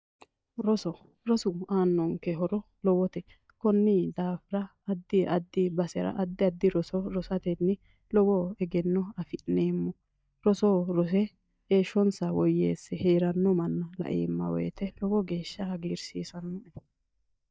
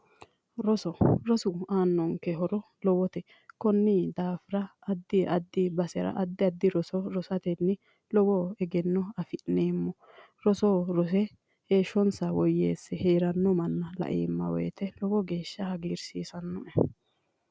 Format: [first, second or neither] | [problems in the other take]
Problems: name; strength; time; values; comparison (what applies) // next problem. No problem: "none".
second | noise reduction (neural mask model DeepFilterNet 3)